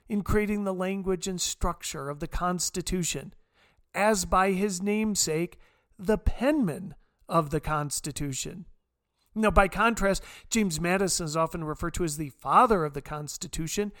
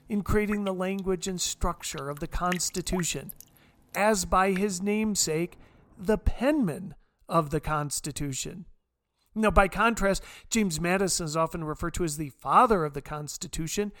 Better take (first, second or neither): first